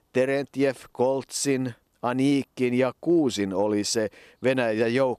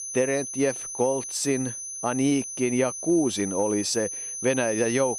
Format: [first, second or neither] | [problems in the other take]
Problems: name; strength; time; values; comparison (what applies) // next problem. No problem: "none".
first | high-pitched whine; loud; throughout; 6 kHz, 6 dB below the speech